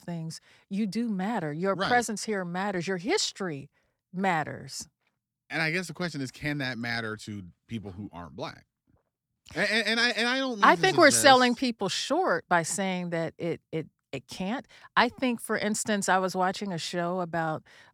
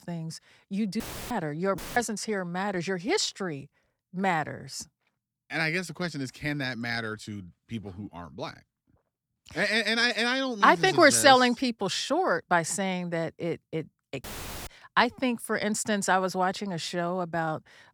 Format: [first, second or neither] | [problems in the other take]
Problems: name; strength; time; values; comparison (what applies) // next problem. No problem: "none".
first | audio cutting out; filled with static; at 1 s, at 2 s and at 14 s